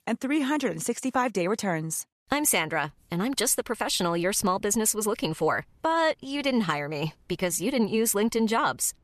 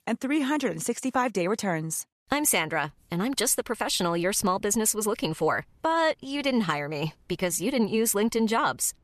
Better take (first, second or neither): neither